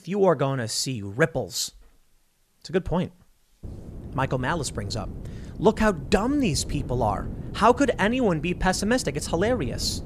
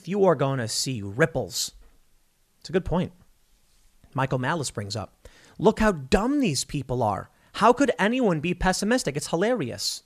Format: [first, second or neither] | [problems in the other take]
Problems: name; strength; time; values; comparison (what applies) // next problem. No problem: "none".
second | wind noise on the microphone; occasional gusts; from 3.5 s on; 20 dB below the speech